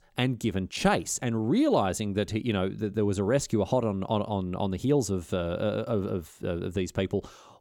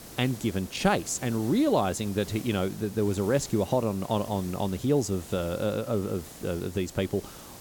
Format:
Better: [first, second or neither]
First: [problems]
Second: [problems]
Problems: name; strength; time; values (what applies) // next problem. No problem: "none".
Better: first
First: none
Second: hiss; noticeable; throughout; 15 dB below the speech